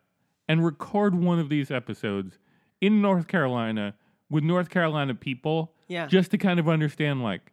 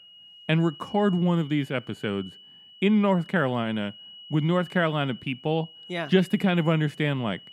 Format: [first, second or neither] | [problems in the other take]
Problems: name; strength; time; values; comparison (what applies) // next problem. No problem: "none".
first | high-pitched whine; noticeable; throughout; 3 kHz, 20 dB below the speech